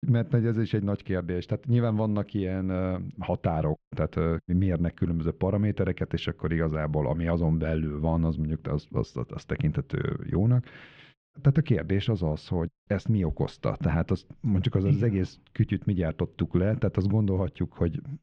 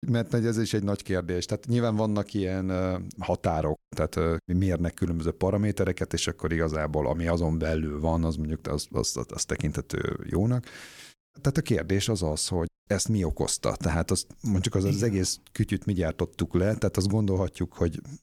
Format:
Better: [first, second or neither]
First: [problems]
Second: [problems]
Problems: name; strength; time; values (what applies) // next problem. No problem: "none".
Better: second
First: muffled; very; fading above 3 kHz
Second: none